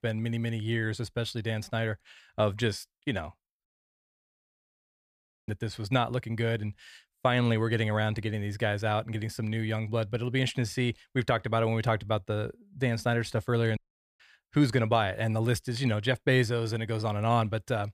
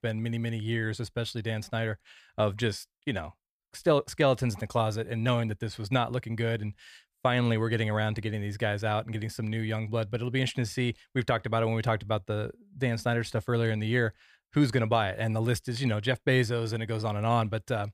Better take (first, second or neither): second